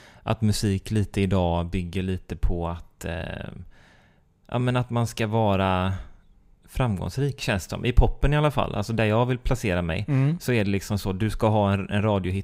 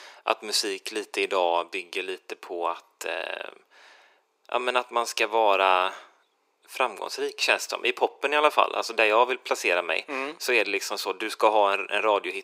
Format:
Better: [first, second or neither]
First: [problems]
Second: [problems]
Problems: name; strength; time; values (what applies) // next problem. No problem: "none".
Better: first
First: none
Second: thin; very; fading below 350 Hz